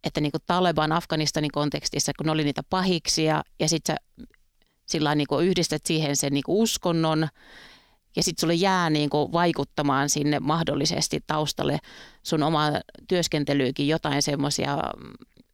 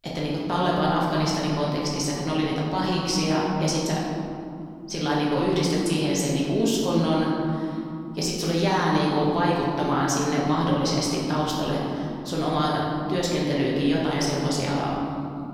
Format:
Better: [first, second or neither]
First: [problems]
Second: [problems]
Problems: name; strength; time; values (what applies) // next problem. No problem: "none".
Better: first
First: none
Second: room echo; noticeable; dies away in 2.9 s // off-mic speech; far